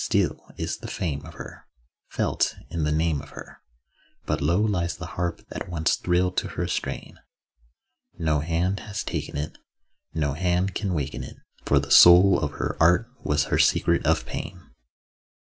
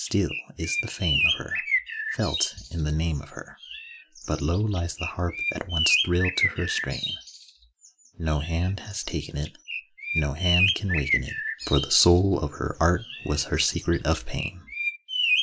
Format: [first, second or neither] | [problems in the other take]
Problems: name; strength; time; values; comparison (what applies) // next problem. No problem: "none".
first | background sound (Bird); 3 dB below the speech